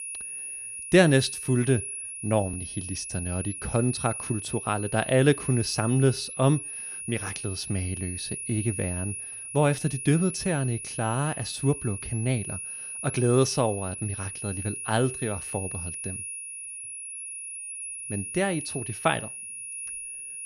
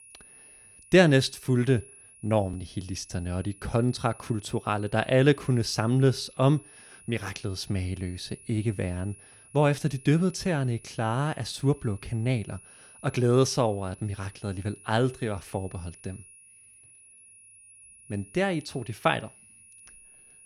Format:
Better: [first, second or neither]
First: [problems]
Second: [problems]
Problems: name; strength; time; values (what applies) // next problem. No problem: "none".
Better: second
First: high-pitched whine; loud; throughout; 10.5 kHz, 7 dB below the speech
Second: high-pitched whine; faint; throughout; 10.5 kHz, 25 dB below the speech